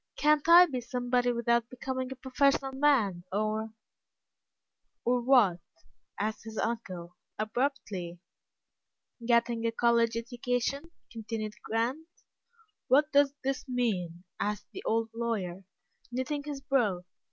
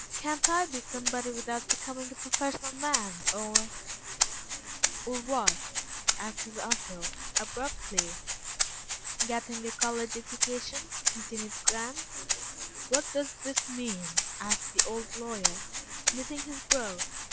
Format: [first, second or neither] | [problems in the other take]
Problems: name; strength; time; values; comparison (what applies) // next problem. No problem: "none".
first | background sound (Rattle (instrument)); 5 dB above the speech